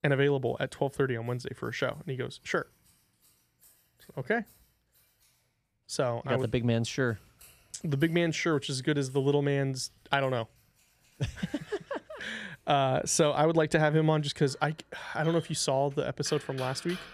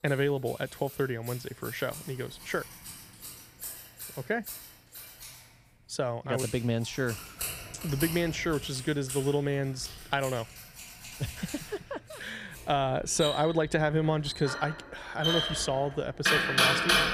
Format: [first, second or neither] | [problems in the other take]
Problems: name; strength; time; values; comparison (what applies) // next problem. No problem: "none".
first | household noises; loud; throughout; 2 dB below the speech; faint in the first